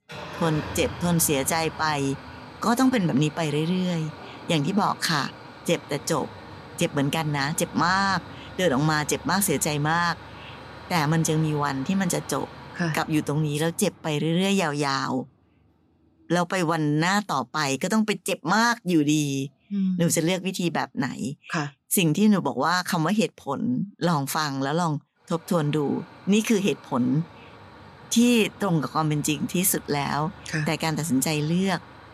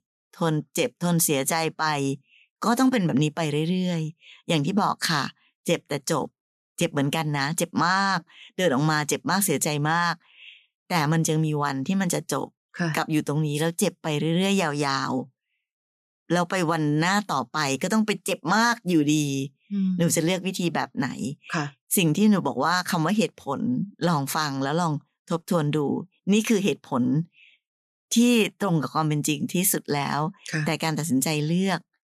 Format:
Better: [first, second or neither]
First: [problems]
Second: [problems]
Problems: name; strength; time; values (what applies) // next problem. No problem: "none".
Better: second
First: traffic noise; noticeable; throughout; 15 dB below the speech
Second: none